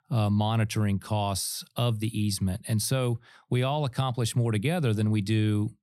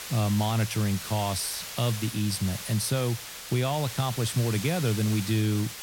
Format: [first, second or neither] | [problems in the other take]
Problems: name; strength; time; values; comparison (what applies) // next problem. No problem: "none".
first | hiss; loud; throughout; 8 dB below the speech